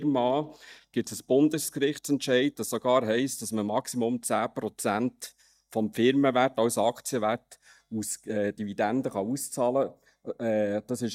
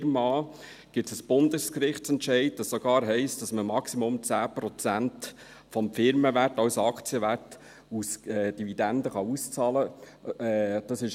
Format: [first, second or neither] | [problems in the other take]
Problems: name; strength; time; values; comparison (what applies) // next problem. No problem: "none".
second | noise reduction (neural mask model DeepFilterNet 3)